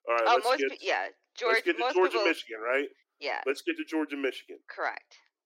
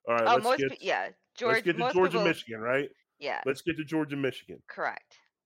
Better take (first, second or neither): second